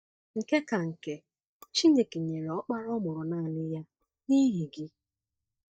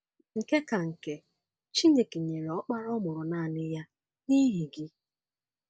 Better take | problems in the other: second | noise reduction (neural mask model DeepFilterNet 3)

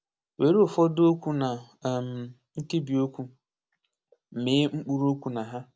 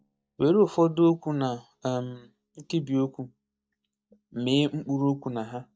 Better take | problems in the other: first | noise reduction (neural mask model DeepFilterNet 3)

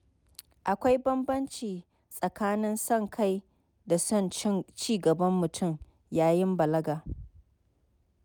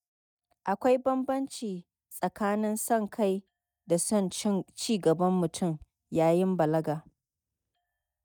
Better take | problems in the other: first | noise reduction (neural mask model DeepFilterNet 3)

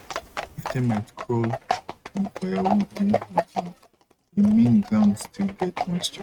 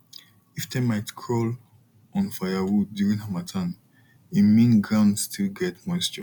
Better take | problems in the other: second | noise reduction (neural mask model RNNoise)

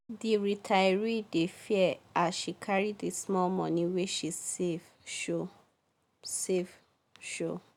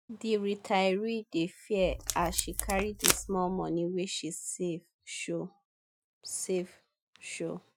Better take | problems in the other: first | noise reduction (classical method Wiener filter)

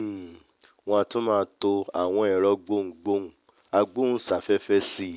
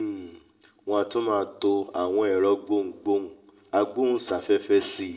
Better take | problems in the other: first | room echo; dies away in 1.1 s

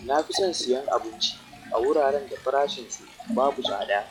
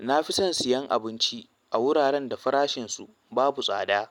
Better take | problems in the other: second | noise reduction (classical method log-MMSE)

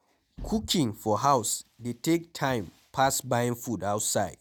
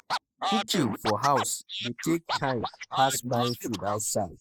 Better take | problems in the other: first | noise reduction (neural mask model Resemble Enhance denoiser)

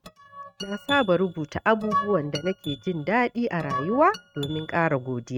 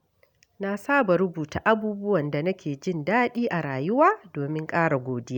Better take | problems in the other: second | noise reduction (neural mask model RNNoise)

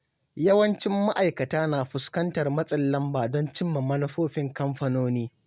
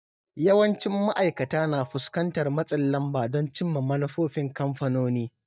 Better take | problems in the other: first | noise reduction (neural mask model DeepFilterNet 3)

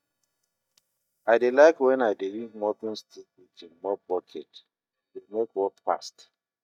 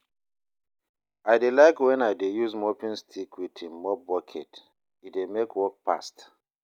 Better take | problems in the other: second | noise reduction (neural mask model DeepFilterNet 3)

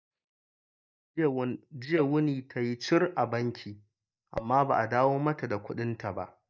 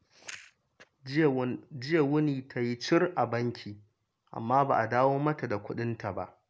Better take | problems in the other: second | noise reduction (neural mask model DeepFilterNet 3)

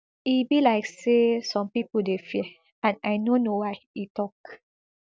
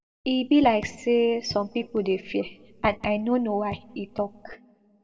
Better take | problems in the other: first | noise reduction (neural separator model SepFormer DNS4)

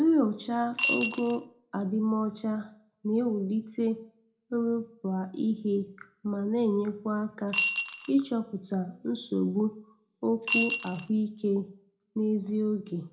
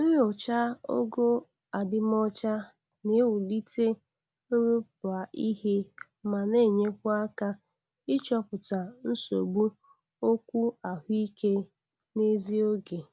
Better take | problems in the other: second | background sound (Coin (dropping) / Glass); 2 dB below the speech // room echo; dies away in 0.3 s

